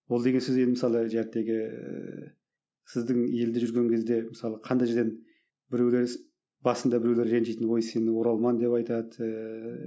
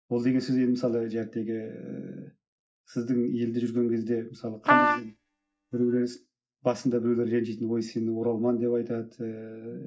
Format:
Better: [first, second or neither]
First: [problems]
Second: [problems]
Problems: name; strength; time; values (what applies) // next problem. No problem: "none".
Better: first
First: none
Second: noise reduction (neural mask model DeepFilterNet 3)